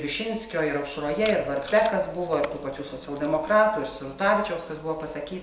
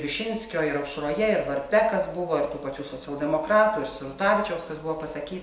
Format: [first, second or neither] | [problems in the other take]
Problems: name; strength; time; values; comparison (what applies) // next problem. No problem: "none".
second | background sound (Packing tape, duct tape); 18 dB below the speech